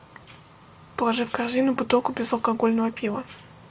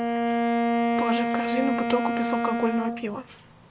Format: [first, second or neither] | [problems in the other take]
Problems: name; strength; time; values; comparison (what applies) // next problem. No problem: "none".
first | background sound (Bowed string instrument); 4 dB above the speech